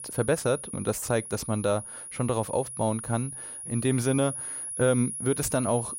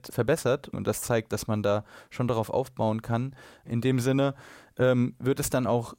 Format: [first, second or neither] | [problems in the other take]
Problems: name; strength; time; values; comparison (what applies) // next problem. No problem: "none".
second | high-pitched whine; loud; throughout; 10.5 kHz, 7 dB below the speech